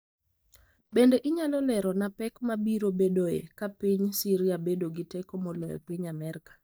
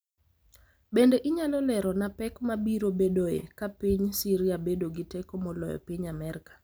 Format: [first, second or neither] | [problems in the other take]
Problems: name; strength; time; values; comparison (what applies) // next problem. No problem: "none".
second | noise reduction (neural mask model DeepFilterNet 3)